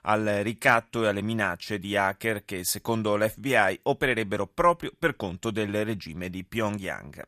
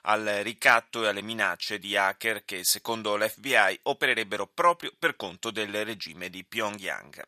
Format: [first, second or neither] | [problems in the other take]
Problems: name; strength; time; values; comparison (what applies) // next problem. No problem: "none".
first | thin; somewhat; fading below 800 Hz